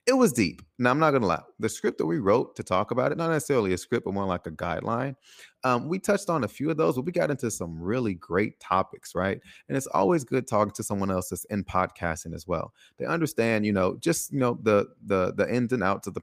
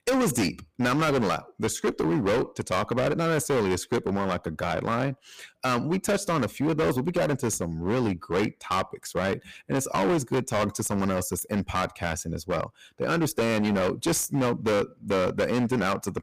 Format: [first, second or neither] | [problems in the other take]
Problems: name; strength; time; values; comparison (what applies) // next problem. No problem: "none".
first | distortion; heavy; 18% of the sound clipped